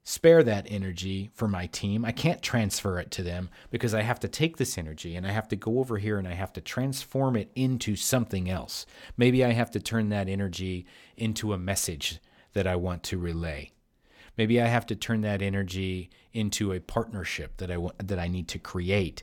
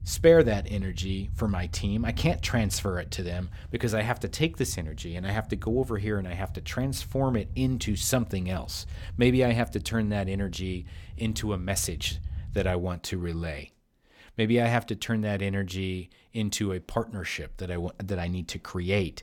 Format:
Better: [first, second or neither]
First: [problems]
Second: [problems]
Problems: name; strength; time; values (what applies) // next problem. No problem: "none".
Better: first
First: none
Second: low rumble; faint; until 13 s; 25 dB below the speech